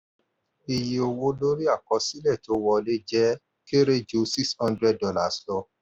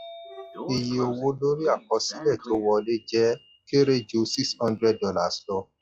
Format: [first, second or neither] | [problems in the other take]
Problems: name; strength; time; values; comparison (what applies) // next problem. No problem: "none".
first | noise reduction (classical method log-MMSE)